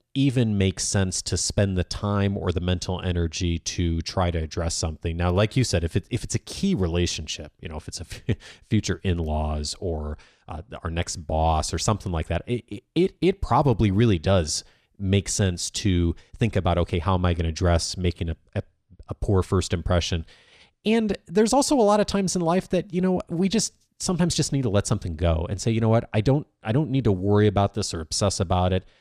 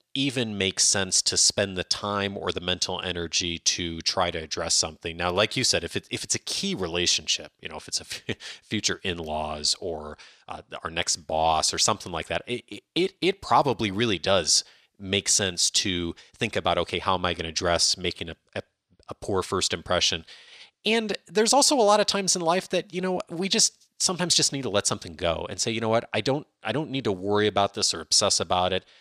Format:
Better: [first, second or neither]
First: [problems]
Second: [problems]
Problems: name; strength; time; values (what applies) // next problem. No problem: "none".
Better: first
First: none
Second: thin; somewhat; fading below 700 Hz